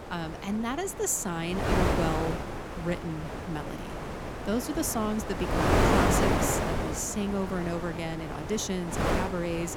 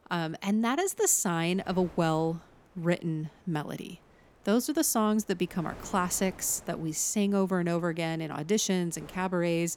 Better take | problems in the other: second | wind noise on the microphone; heavy; 3 dB above the speech; occasional gusts in the second

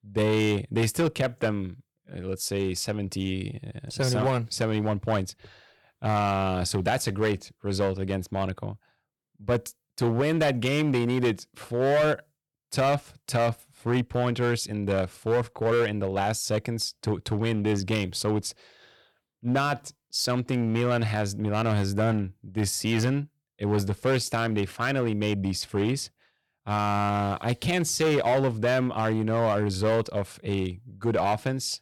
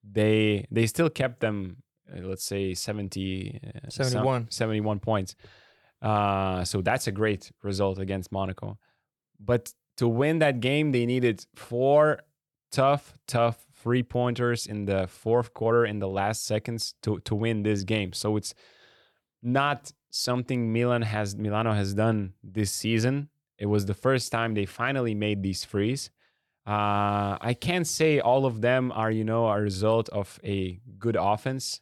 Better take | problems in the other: second | distortion; slight; 7% of the sound clipped

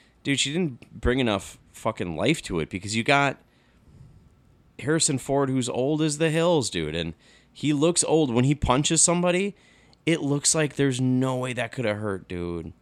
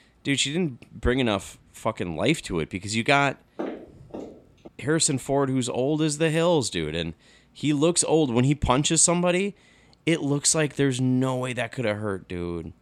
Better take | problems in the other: first | footsteps; faint; from 3.5 to 4.5 s; peak 10 dB below the speech

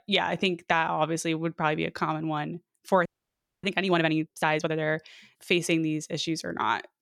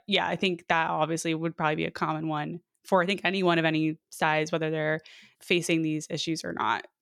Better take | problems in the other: second | audio freezing; at 3 s for 0.5 s

